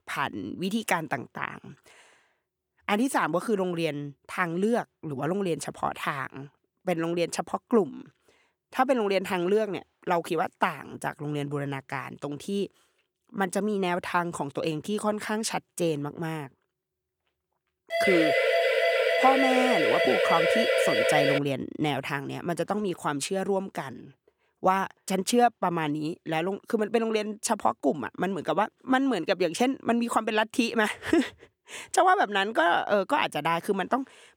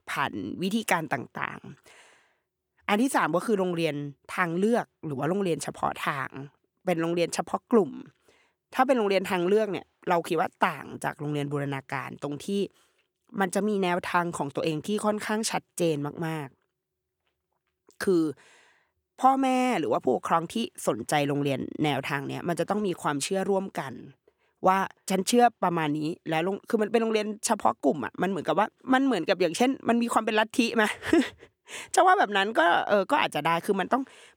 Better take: second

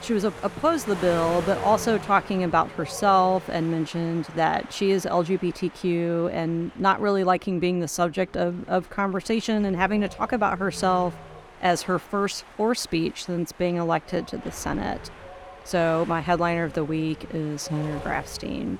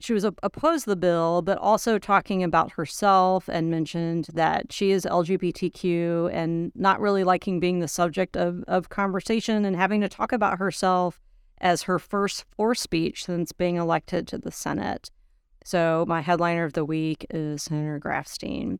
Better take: second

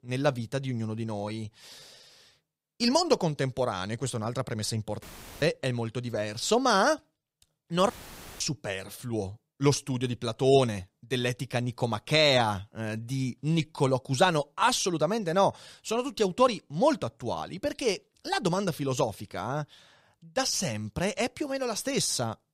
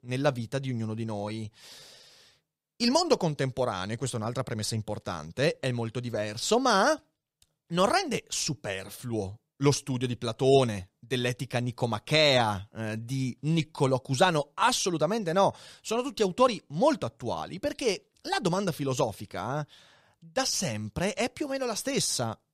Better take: second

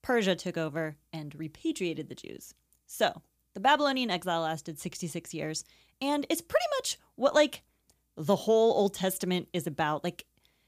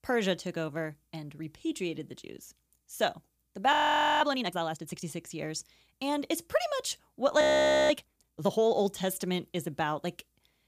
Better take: first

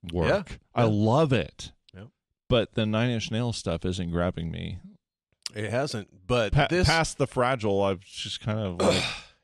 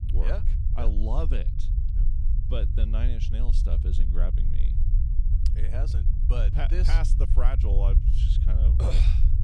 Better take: first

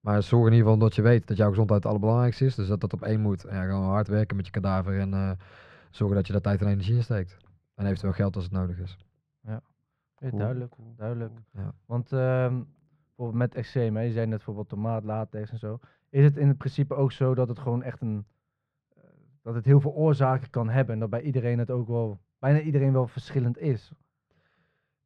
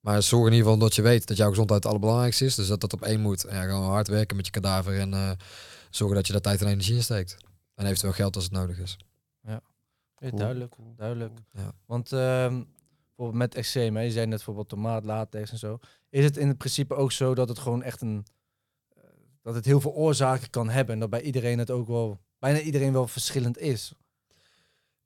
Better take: second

